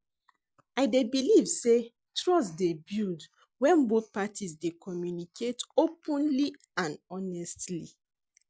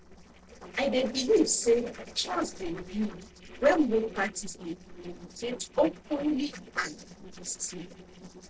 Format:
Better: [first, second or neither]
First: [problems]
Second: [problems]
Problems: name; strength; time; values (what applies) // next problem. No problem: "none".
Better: first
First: none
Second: noise reduction (neural separator model SepFormer DNS4)